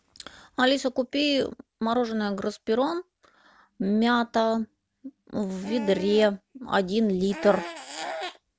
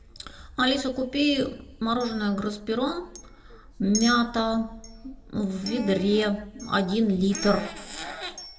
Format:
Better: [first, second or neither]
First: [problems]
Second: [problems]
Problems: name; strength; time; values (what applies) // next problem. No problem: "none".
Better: first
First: none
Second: background sound (Chink, clink); 15 dB below the speech // room echo; dies away in 0.6 s